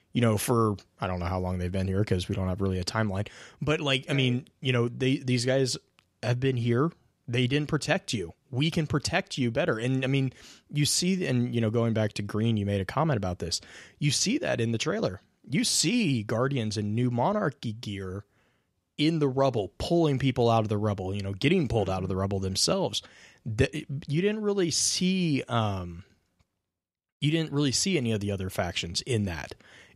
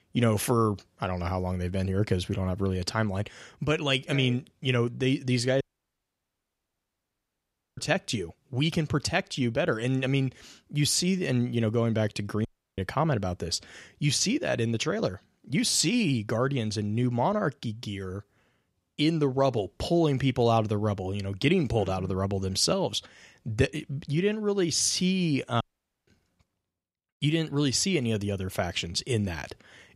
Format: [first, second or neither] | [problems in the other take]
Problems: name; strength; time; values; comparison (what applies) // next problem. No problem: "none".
first | audio cutting out; at 5.5 s for 2 s, at 12 s and at 26 s